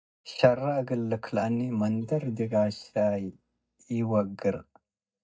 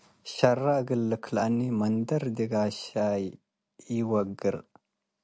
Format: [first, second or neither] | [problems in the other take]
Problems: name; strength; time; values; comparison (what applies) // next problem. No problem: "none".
second | noise reduction (neural mask model DeepFilterNet 3)